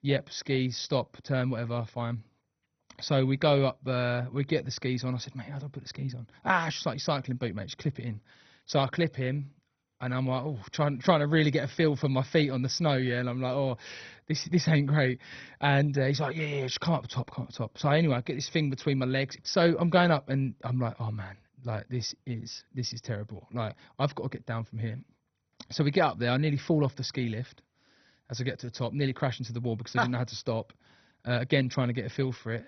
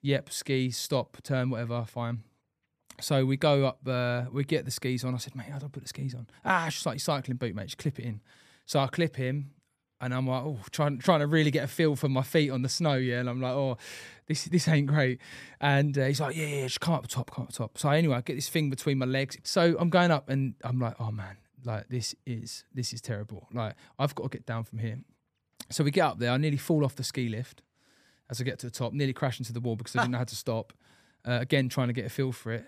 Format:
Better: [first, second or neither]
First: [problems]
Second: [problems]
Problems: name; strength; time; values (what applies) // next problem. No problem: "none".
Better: second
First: garbled, watery; badly; nothing above 6 kHz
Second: none